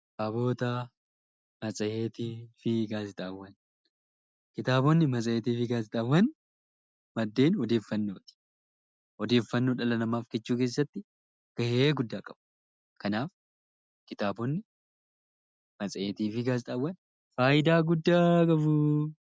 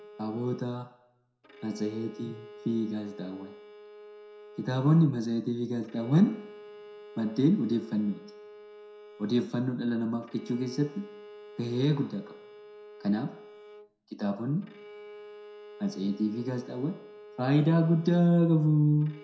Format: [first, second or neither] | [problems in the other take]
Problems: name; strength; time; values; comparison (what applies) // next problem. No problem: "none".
first | background sound (Bowed string instrument); 19 dB below the speech // room echo; dies away in 0.5 s